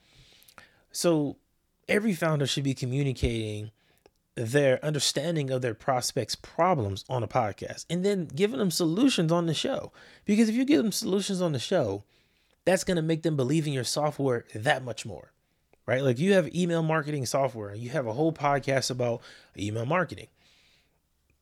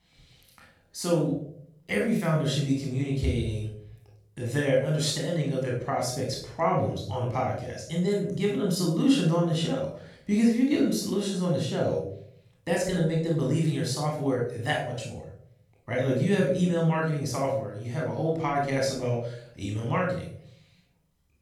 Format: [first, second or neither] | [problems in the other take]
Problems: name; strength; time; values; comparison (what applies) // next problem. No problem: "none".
first | off-mic speech; far // room echo; noticeable; dies away in 0.6 s